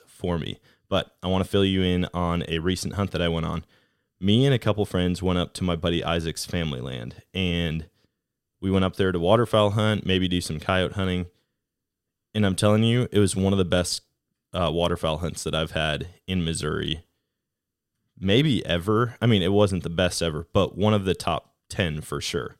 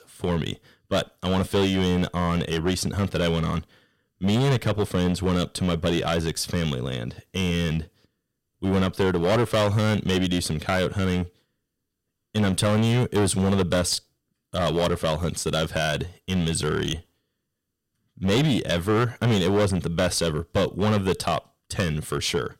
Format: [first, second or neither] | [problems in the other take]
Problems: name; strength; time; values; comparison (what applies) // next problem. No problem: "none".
first | distortion; heavy; 10% of the sound clipped